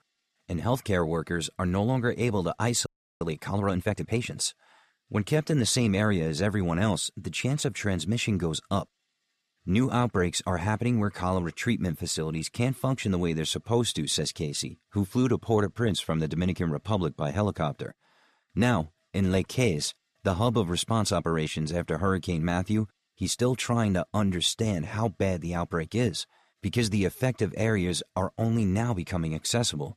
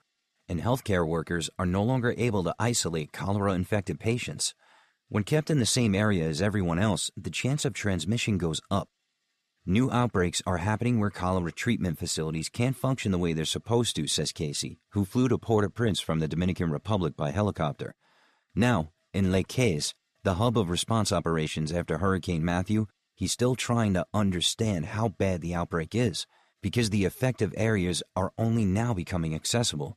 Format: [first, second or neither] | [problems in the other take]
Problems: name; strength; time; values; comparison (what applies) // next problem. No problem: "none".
second | audio freezing; at 3 s